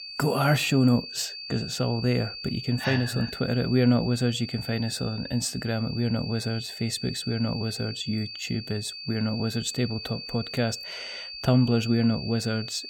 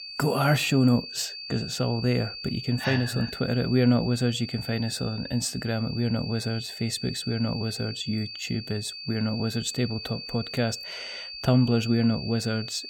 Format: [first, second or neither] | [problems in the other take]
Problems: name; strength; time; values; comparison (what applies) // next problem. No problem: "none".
neither | high-pitched whine; loud; throughout; 4.5 kHz, 9 dB below the speech; the same in both